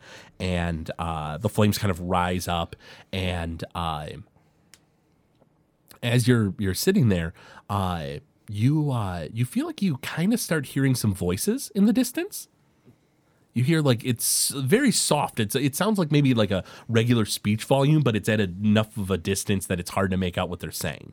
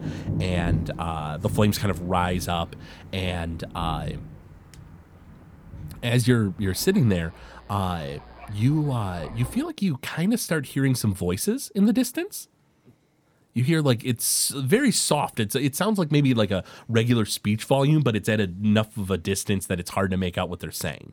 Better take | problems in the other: first | rain or running water; noticeable; until 9.5 s; 10 dB below the speech

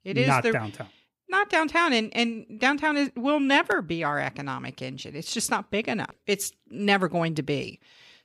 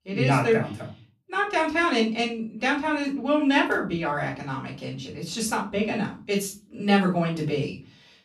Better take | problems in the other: first | off-mic speech; far // room echo; slight; dies away in 0.3 s

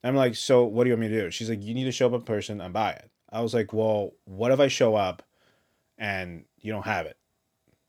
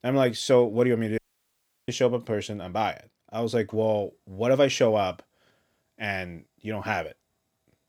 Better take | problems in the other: first | audio cutting out; at 1 s for 0.5 s

